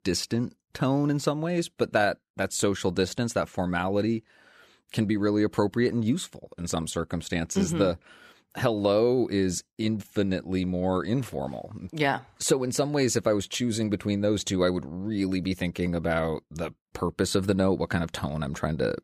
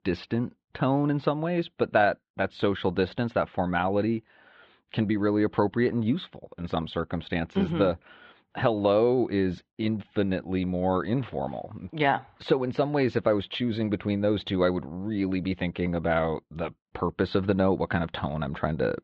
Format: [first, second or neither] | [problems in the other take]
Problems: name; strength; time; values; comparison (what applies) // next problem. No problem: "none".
first | muffled; very; fading above 3.5 kHz